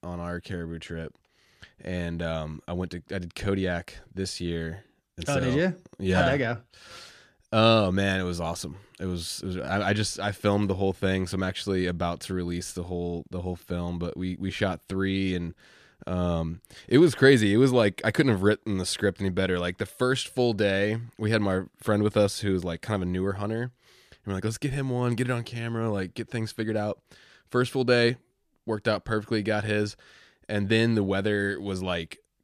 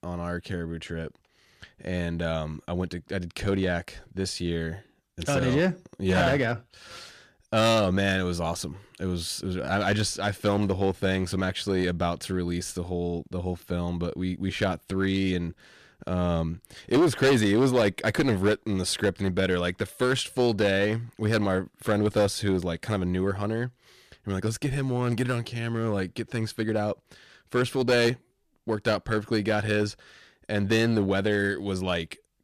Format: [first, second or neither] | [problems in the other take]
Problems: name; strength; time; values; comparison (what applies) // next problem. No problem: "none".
first | distortion; slight; 5% of the sound clipped